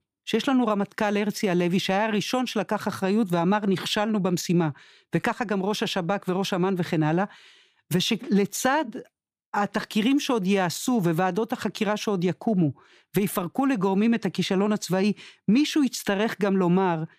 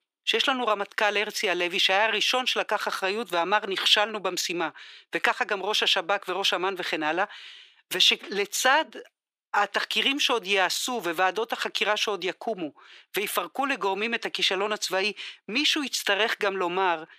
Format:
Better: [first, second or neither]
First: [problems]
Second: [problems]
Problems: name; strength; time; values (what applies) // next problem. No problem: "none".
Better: first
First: none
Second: thin; very; fading below 400 Hz